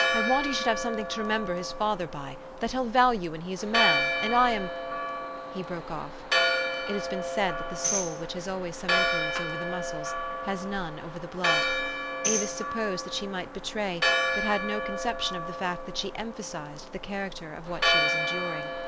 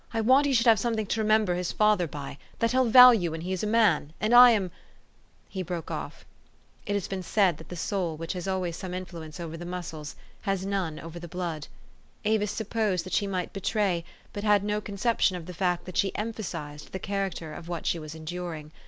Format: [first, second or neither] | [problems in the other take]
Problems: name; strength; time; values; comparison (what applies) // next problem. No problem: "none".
second | background sound (Tambourine + Church bell); 1 dB above the speech